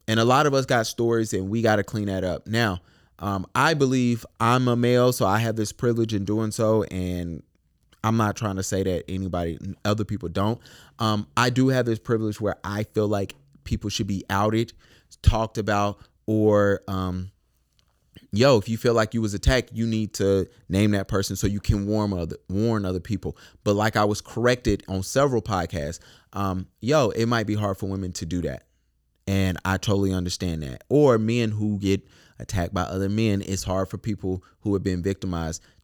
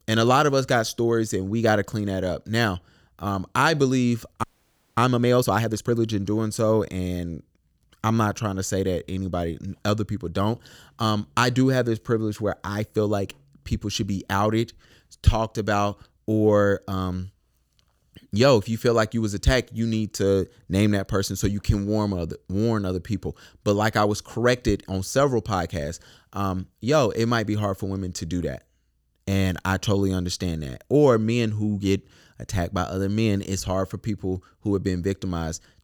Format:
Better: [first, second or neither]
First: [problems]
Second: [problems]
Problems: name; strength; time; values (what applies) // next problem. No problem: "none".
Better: first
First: none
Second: audio freezing; at 4.5 s for 0.5 s